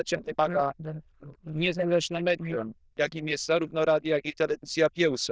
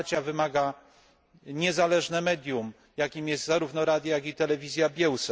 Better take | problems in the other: second | noise reduction (neural diffusion model UNIVERSE++)

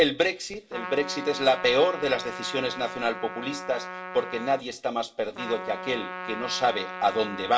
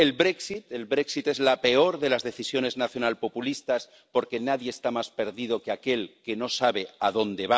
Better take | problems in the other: second | background sound (Trumpet); 10 dB below the speech // room echo; dies away in 0.2 s

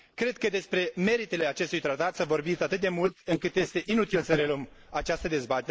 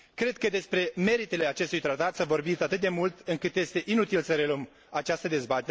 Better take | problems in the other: second | noise reduction (neural mask model Resemble Enhance denoiser)

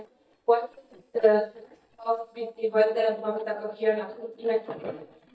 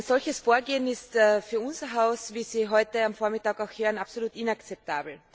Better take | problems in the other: second | noise reduction (neural mask model DeepFilterNet 3)

